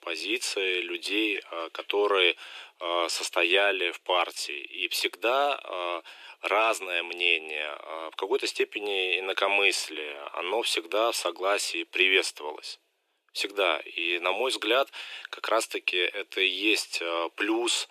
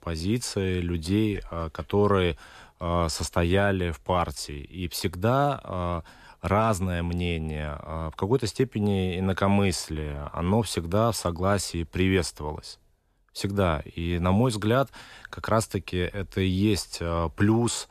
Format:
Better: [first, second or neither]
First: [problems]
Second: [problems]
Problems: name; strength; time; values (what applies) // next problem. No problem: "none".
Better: second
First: thin; very; fading below 350 Hz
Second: none